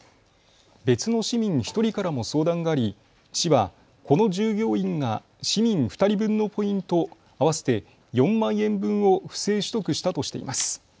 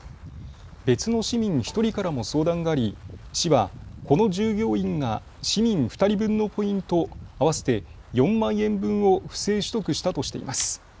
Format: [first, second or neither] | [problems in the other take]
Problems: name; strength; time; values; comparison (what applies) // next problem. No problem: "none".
first | background sound (Wind); 18 dB below the speech